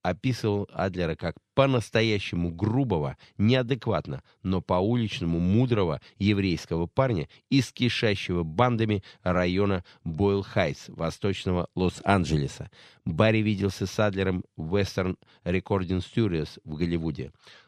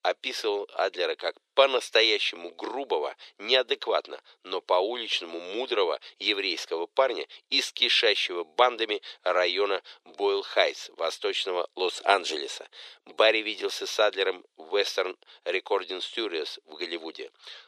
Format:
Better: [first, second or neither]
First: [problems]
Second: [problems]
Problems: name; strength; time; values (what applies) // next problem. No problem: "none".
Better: first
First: none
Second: thin; very; fading below 400 Hz